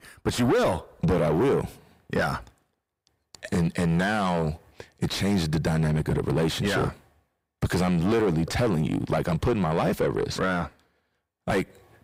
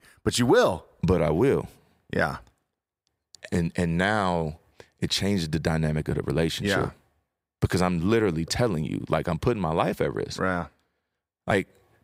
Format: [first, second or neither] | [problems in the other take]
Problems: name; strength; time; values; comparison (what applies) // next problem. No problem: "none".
second | distortion; heavy; 7 dB below the speech